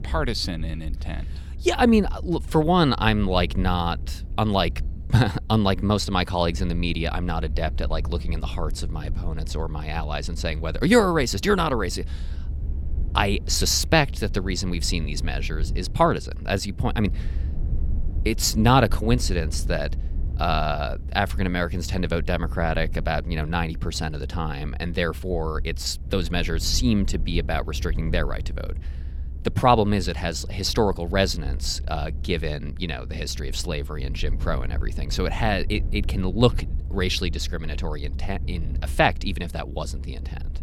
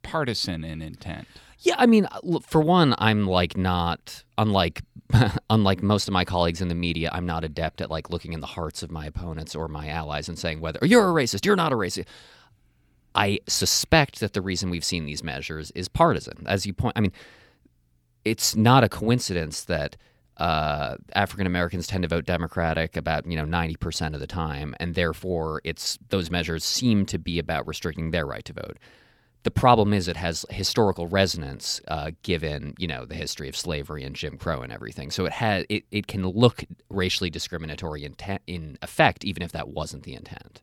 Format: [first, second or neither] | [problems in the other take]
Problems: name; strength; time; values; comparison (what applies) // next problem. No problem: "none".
second | low rumble; faint; throughout; 25 dB below the speech